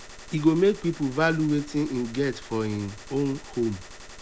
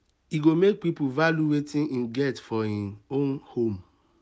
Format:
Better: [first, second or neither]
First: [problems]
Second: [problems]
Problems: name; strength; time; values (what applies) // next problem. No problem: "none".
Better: second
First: background sound (Gunshot, gunfire); 17 dB below the speech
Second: none